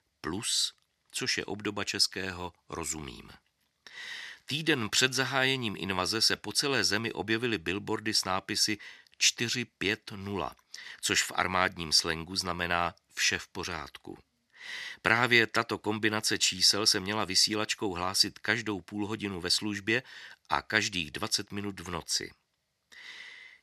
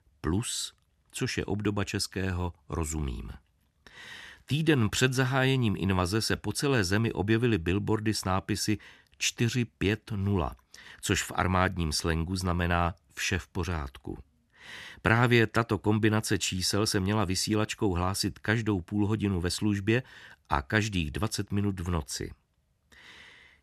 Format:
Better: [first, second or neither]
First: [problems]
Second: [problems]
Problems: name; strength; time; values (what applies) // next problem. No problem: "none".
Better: second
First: thin; somewhat; fading below 850 Hz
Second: none